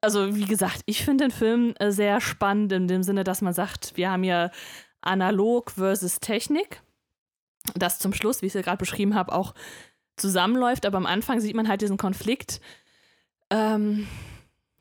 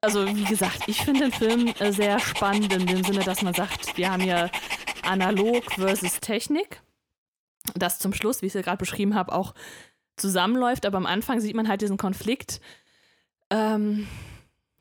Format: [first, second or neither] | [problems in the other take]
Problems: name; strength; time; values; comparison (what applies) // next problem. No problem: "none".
first | dog barking; noticeable; until 6 s; peak 3 dB below the speech